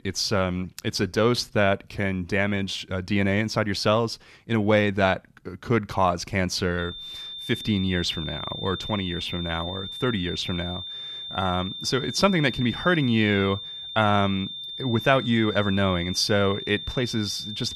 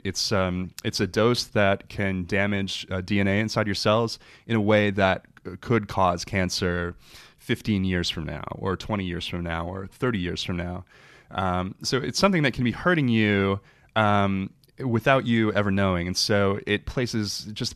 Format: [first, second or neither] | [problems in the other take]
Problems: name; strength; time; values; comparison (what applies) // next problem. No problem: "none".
second | high-pitched whine; loud; from 7 s on; 3.5 kHz, 8 dB below the speech